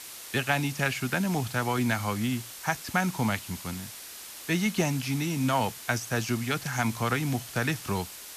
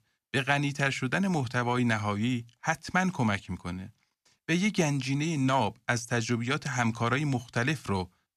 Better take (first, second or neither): second